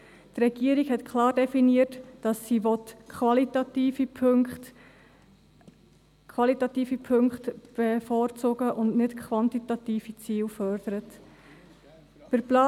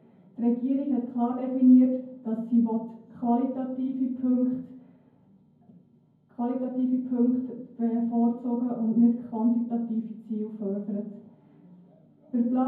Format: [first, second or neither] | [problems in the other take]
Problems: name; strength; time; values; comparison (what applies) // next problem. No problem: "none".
first | room echo; dies away in 0.9 s